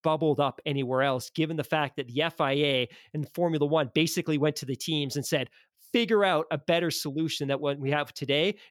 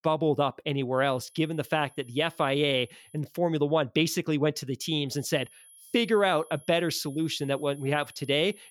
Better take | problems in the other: first | high-pitched whine; faint; from 1 to 3 s and from 5 s on; 10.5 kHz, 25 dB below the speech

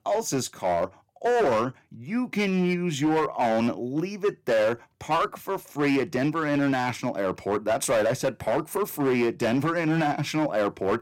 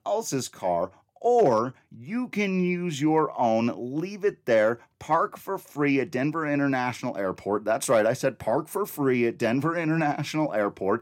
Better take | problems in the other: second | distortion; slight; 11% of the sound clipped

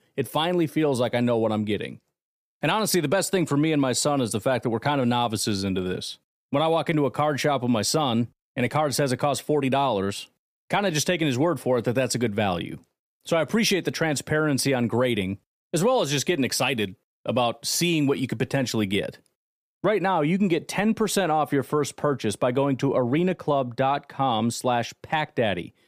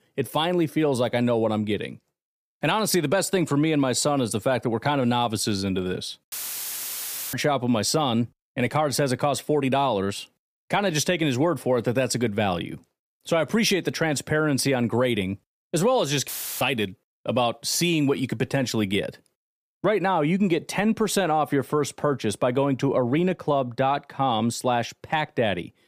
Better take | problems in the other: first | audio cutting out; filled with static; at 6.5 s for 1 s and at 16 s

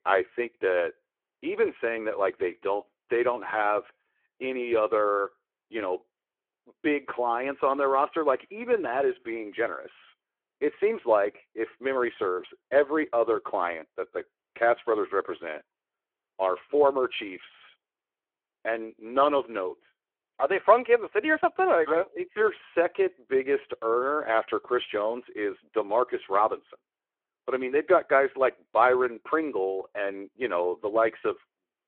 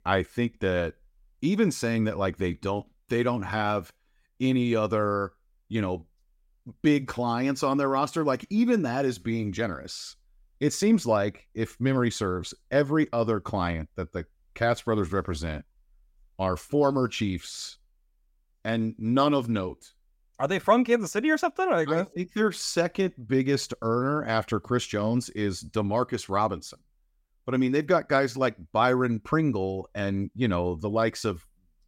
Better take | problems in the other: second | phone-call audio

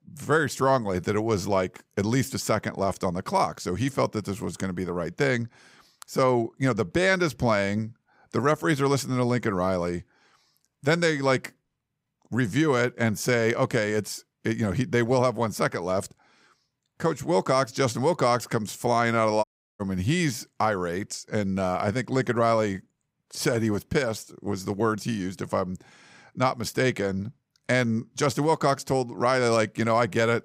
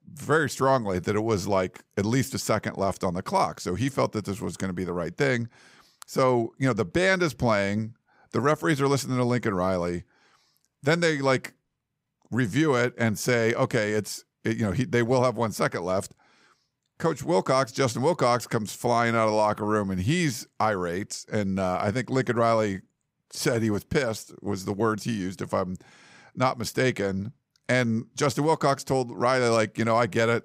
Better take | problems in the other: second | audio cutting out; at 19 s

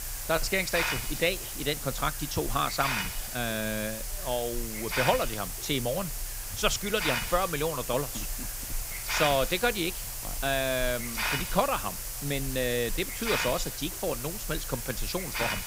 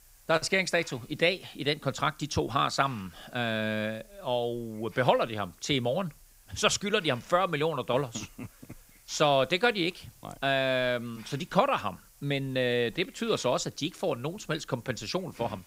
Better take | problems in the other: second | hiss; loud; throughout; 2 dB below the speech; faint in the second

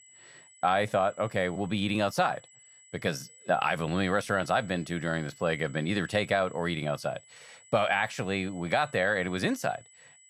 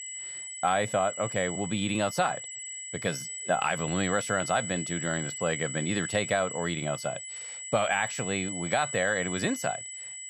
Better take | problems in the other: first | high-pitched whine; loud; throughout; 8 kHz, 6 dB below the speech; faint in the first

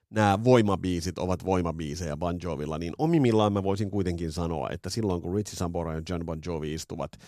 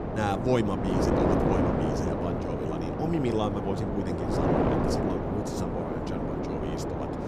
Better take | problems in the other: first | wind noise on the microphone; heavy; 3 dB above the speech

